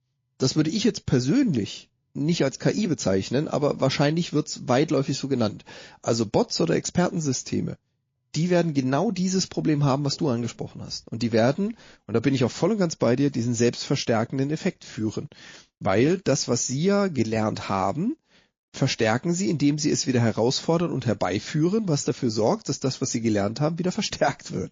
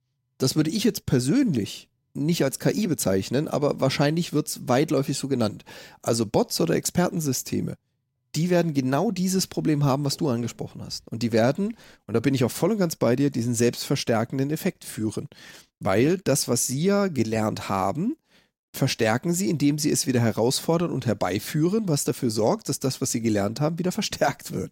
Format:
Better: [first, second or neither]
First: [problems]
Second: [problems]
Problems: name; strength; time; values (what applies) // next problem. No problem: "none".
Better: second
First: garbled, watery; slightly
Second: none